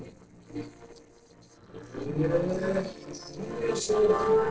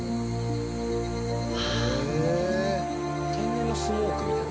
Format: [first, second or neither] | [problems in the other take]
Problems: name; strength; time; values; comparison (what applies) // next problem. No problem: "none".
second | noise reduction (neural separator model SepFormer DNS4)